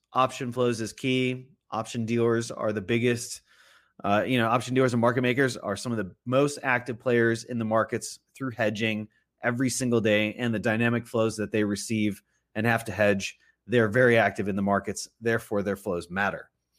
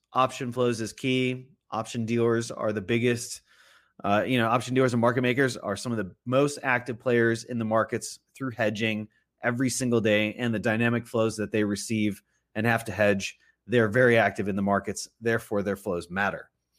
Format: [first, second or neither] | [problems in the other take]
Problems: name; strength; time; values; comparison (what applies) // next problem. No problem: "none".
neither | none